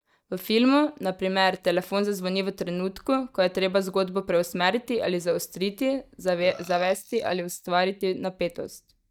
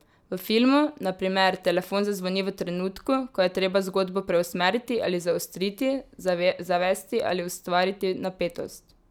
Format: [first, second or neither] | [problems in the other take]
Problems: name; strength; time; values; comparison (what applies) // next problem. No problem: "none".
second | noise reduction (neural mask model DeepFilterNet 3)